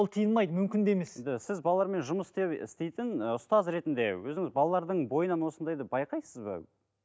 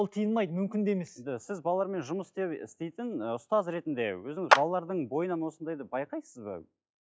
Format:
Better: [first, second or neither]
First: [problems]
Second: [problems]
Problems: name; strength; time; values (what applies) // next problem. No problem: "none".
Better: first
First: none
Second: noise reduction (classical method log-MMSE)